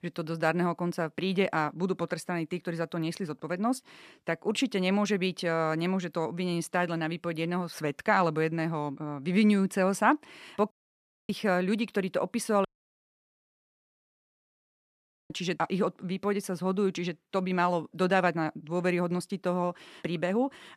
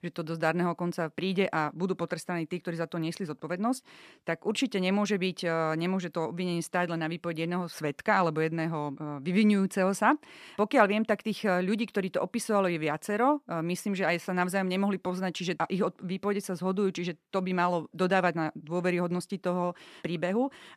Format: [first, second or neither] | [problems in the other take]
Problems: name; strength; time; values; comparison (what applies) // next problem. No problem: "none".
second | audio cutting out; at 11 s for 0.5 s and at 13 s for 2.5 s